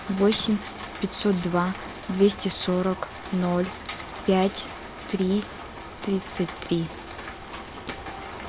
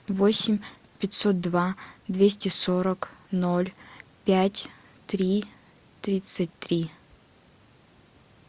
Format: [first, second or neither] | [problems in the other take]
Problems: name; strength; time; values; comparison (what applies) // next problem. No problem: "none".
second | background sound (Rain); 11 dB below the speech